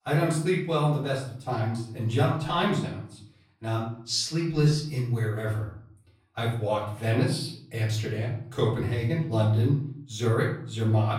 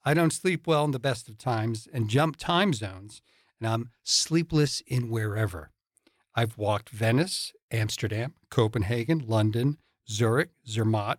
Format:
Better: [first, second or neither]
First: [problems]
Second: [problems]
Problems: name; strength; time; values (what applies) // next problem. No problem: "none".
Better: second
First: room echo; noticeable; dies away in 0.6 s // off-mic speech; far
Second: none